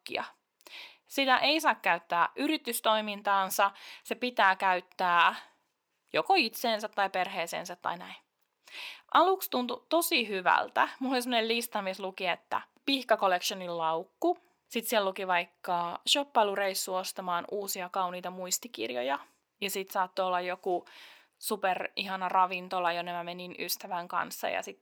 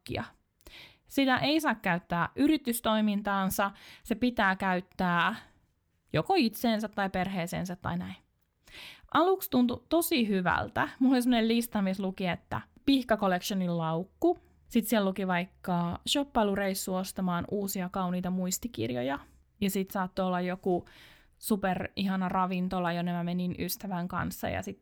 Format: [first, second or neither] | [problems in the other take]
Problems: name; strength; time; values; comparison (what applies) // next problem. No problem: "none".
second | thin; somewhat; fading below 450 Hz